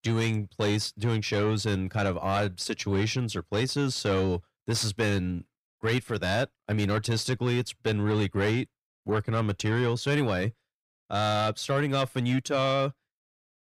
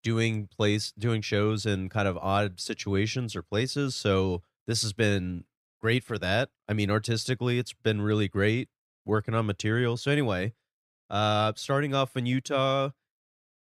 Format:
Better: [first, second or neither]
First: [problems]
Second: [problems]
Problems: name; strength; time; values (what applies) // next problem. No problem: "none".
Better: second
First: distortion; slight; 10 dB below the speech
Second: none